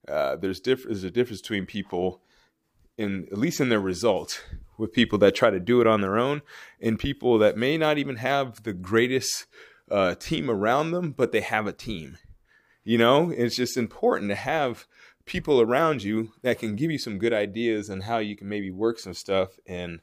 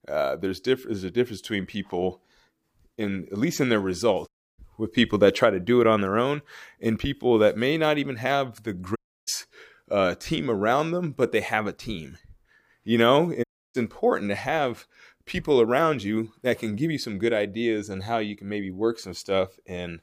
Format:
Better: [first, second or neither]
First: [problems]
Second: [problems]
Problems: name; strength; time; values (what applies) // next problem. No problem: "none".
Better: first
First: none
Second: audio cutting out; at 4.5 s, at 9 s and at 13 s